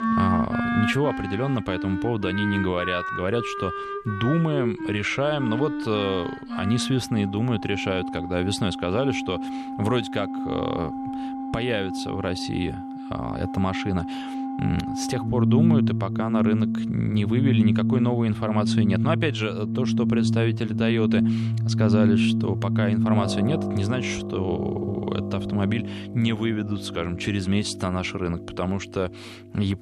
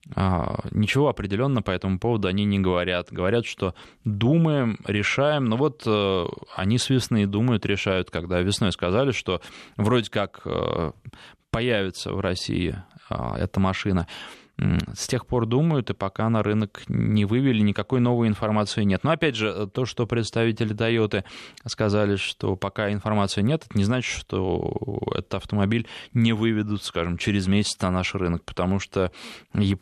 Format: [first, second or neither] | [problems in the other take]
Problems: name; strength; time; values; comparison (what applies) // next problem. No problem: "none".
second | background music; loud; throughout; as loud as the speech